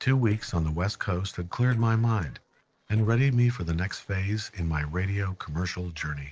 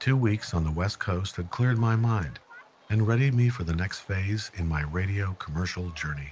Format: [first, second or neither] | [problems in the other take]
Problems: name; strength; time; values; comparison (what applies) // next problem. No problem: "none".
second | noise reduction (neural separator model SepFormer DNS4)